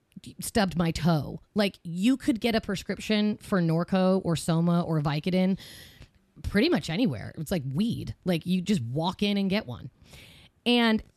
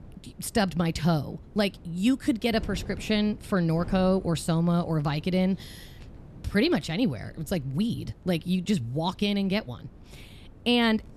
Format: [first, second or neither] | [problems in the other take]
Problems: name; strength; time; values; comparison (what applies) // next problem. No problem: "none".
first | wind noise on the microphone; occasional gusts; 25 dB below the speech